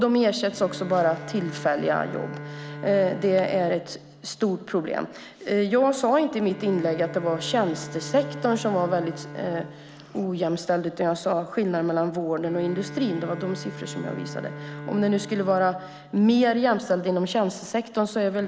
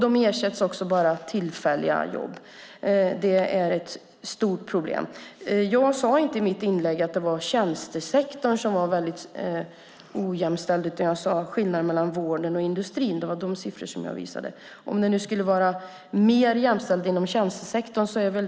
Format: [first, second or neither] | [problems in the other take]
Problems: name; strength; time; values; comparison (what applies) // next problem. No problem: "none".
second | background sound (Bowed string instrument); 15 dB below the speech